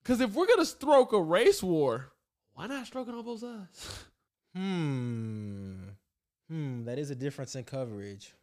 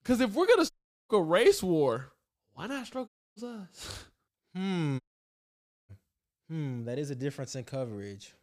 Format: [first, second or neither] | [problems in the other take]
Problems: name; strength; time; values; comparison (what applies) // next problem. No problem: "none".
first | audio cutting out; at 0.5 s, at 3 s and at 5 s for 1 s